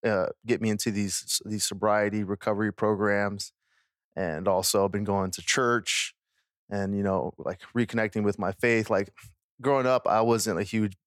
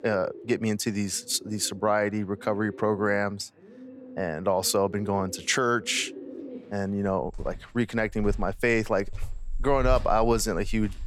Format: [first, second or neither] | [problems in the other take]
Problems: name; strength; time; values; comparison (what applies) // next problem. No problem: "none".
first | animal sounds; noticeable; throughout; 15 dB below the speech